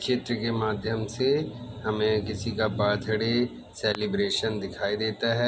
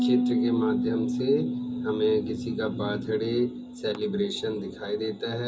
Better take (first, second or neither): first